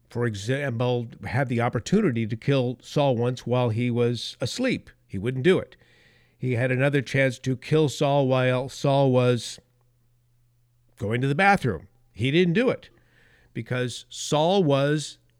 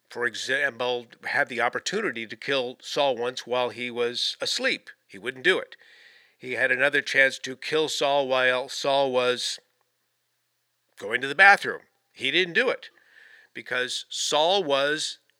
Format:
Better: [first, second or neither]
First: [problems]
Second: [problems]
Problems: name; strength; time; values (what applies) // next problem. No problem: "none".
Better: first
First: none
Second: thin; very; fading below 500 Hz